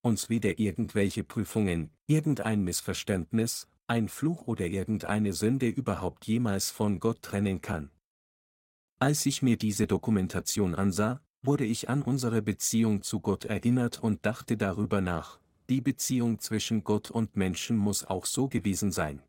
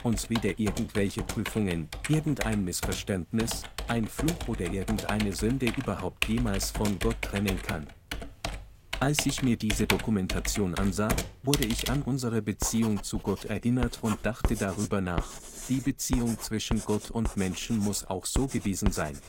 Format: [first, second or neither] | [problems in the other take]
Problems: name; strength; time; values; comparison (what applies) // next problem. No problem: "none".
first | household noises; loud; throughout; 6 dB below the speech